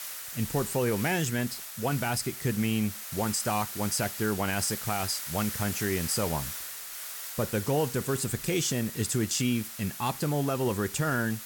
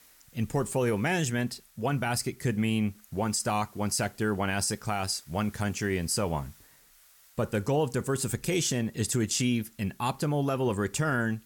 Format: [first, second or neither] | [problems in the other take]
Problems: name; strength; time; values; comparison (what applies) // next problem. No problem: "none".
second | hiss; loud; throughout; 7 dB below the speech; faint in the second